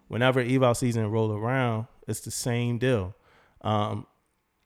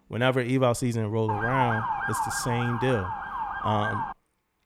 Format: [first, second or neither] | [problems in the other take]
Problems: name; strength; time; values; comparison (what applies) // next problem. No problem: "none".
first | siren; loud; from 1.5 to 4 s; peak 1 dB above the speech